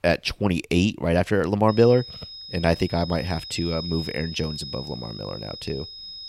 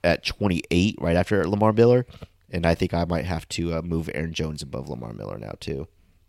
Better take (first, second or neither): second